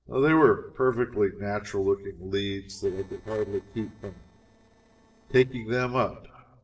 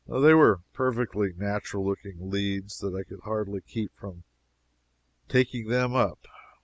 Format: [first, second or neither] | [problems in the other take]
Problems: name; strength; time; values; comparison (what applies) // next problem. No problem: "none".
second | noise reduction (neural separator model SepFormer DNS4)